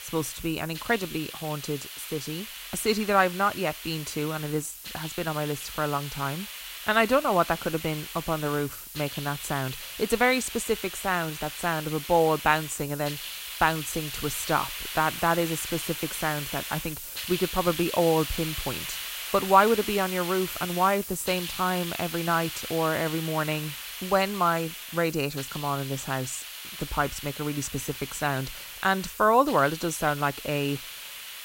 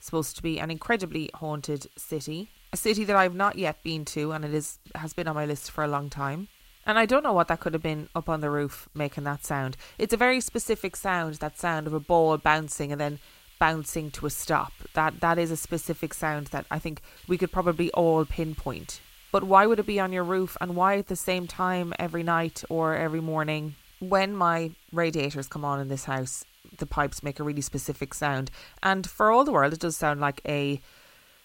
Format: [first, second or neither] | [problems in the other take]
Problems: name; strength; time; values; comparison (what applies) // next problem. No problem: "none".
second | hiss; loud; throughout; 8 dB below the speech; faint in the second